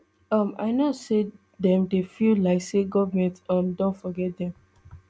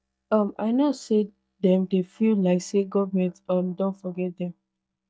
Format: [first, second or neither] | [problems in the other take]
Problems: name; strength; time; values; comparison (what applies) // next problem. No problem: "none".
first | noise reduction (neural mask model DeepFilterNet 3)